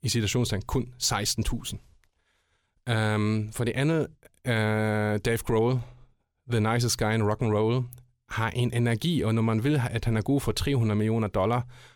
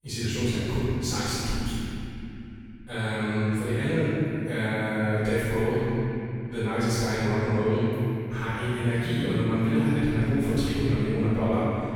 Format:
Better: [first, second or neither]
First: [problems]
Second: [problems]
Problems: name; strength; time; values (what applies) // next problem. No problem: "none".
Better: first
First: none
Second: room echo; strong; dies away in 3 s // off-mic speech; far